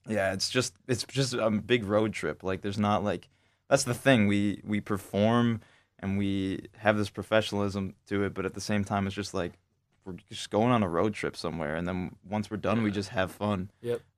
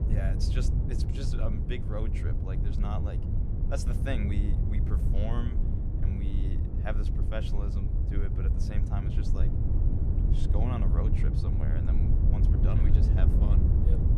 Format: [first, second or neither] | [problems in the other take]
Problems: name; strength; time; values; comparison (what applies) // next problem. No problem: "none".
first | wind noise on the microphone; heavy; as loud as the speech